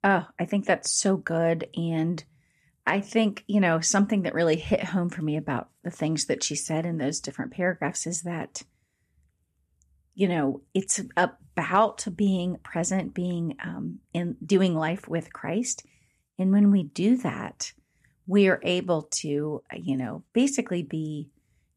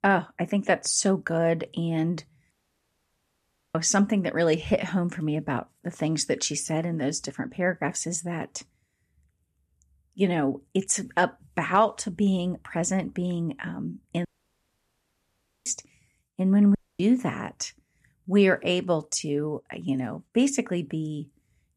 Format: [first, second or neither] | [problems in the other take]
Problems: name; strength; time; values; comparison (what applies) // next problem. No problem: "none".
first | audio cutting out; at 2.5 s for 1 s, at 14 s for 1.5 s and at 17 s